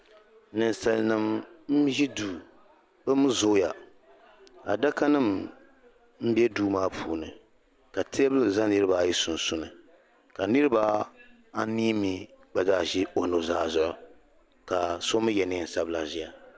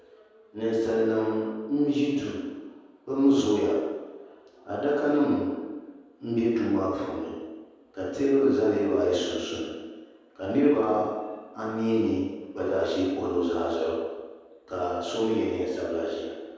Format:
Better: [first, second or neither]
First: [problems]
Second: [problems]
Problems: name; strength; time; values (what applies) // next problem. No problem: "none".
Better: first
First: none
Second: room echo; dies away in 1.2 s